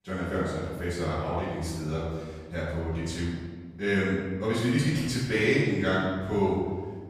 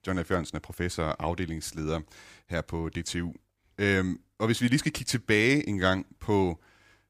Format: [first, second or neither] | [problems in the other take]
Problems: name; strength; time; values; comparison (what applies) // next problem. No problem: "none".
second | room echo; strong; dies away in 1.4 s // off-mic speech; far